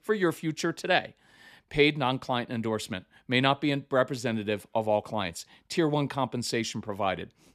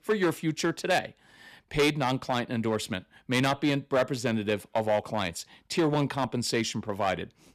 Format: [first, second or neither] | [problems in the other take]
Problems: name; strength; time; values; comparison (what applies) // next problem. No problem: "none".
first | distortion; slight; 4% of the sound clipped